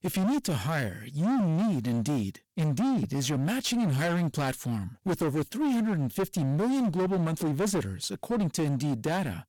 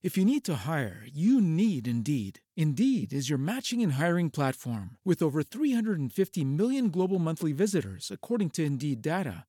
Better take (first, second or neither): second